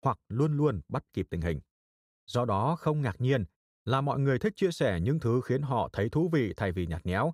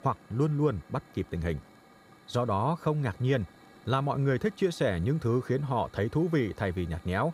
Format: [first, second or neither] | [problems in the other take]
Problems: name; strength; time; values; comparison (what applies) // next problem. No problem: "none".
first | hiss; faint; throughout; 25 dB below the speech